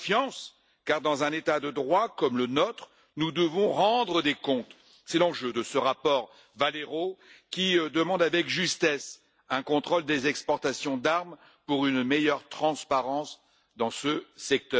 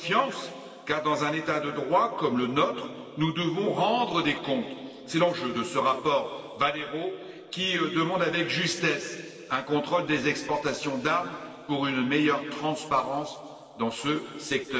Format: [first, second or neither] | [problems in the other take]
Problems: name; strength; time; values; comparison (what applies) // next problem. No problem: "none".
first | room echo; dies away in 2.6 s